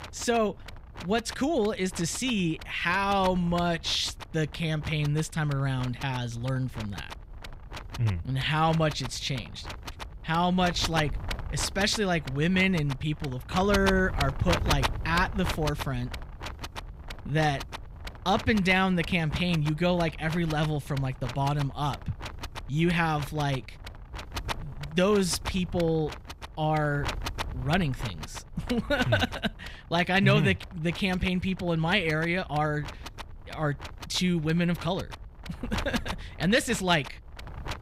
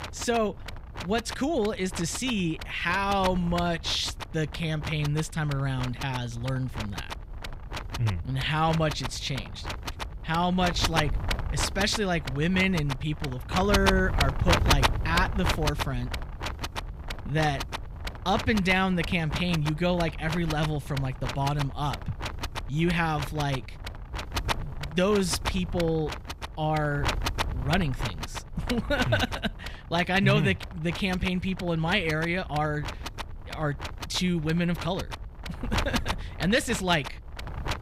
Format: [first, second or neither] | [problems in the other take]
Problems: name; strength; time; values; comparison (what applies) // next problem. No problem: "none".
first | wind noise on the microphone; heavy; 6 dB below the speech; occasional gusts in the first